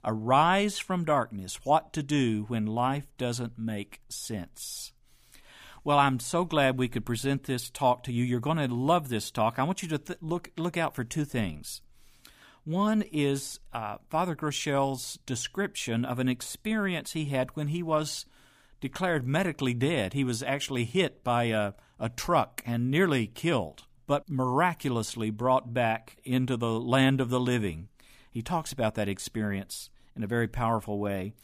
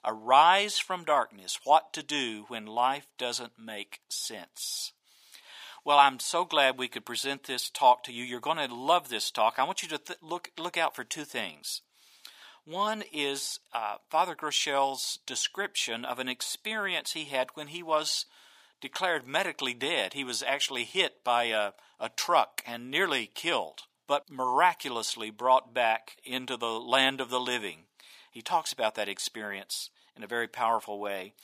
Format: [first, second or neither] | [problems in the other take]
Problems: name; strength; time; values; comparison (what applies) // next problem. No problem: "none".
first | thin; very; fading below 500 Hz